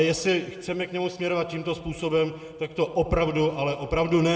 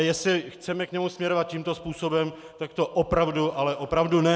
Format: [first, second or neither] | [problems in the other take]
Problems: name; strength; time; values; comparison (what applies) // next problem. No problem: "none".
second | room echo; dies away in 1.6 s